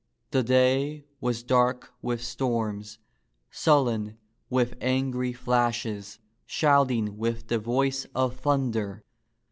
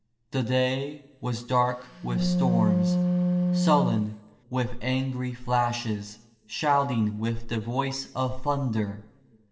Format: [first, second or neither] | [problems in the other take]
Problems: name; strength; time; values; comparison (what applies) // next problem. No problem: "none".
first | background sound (Wind instrument, woodwind instrument); 2 dB above the speech // room echo; dies away in 0.9 s